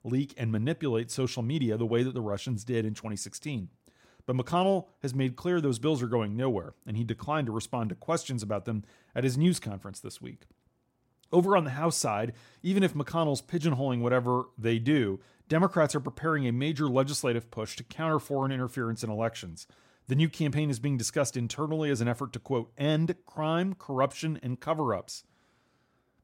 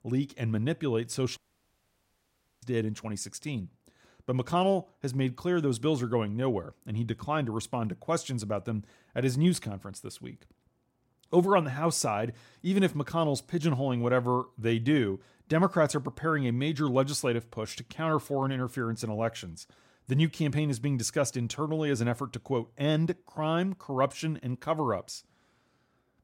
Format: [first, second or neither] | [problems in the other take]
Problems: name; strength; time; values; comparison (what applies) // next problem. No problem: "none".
first | audio cutting out; at 1.5 s for 1.5 s